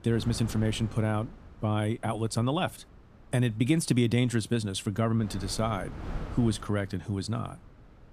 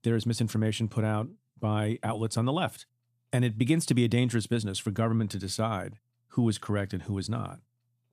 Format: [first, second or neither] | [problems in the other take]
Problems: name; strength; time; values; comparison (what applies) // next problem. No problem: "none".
second | wind noise on the microphone; occasional gusts; 15 dB below the speech